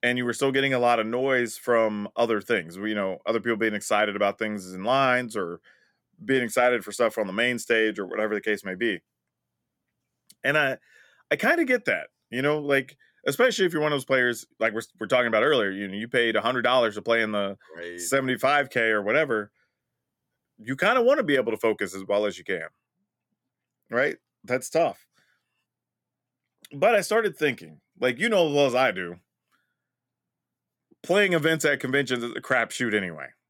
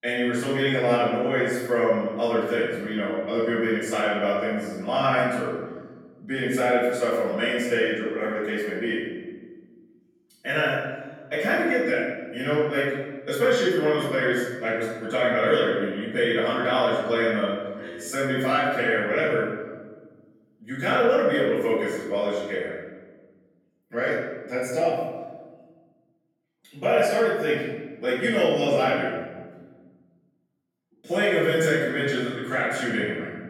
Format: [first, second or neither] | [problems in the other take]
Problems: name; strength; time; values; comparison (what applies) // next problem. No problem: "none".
first | room echo; strong; dies away in 1.3 s // off-mic speech; far